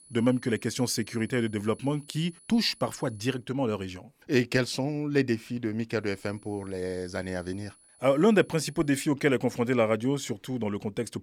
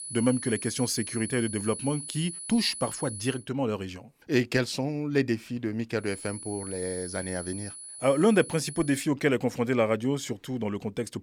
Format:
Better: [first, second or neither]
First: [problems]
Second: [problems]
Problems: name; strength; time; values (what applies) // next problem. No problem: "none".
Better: first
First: high-pitched whine; faint; until 3.5 s and from 6 to 9 s; 10 kHz, 25 dB below the speech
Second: high-pitched whine; loud; until 3.5 s and from 6 to 9 s; 10 kHz, 9 dB below the speech